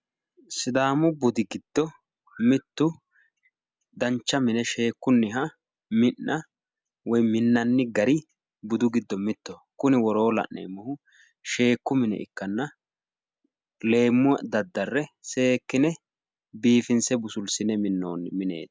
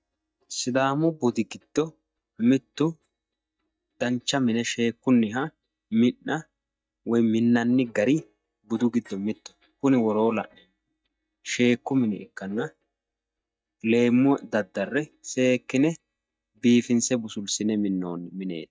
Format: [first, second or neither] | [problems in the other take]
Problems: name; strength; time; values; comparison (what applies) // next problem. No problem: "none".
first | noise reduction (neural mask model DeepFilterNet 3)